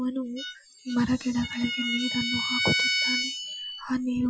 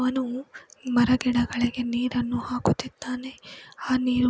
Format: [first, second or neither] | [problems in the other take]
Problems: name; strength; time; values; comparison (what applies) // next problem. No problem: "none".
second | noise reduction (classical method Wiener filter)